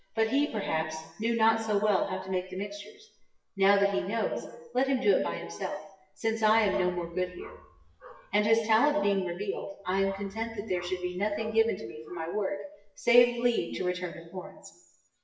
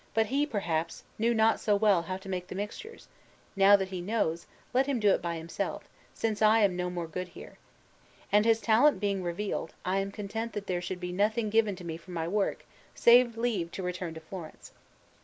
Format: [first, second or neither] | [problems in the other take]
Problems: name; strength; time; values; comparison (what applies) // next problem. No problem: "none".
second | noise reduction (classical method WPE with log-MMSE)